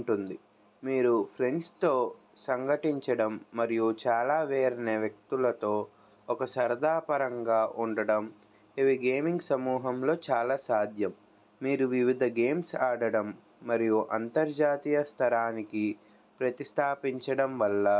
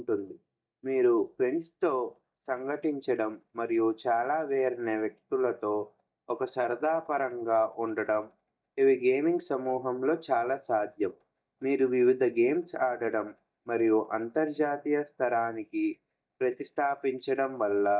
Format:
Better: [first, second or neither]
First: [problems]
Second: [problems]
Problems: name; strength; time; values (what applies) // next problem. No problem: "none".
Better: first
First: none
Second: noise reduction (neural mask model DeepFilterNet 3)